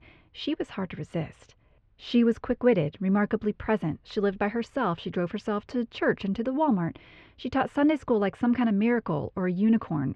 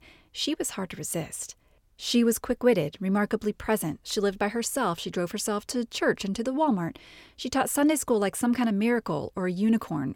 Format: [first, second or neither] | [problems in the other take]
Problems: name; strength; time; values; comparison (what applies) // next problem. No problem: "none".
second | muffled; very; fading above 3 kHz